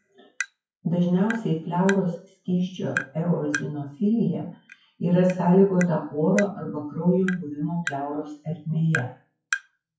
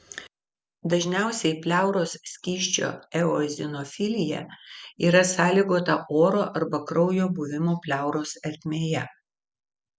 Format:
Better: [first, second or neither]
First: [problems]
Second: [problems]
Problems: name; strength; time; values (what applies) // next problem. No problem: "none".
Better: second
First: noise reduction (classical method WPE with log-MMSE)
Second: none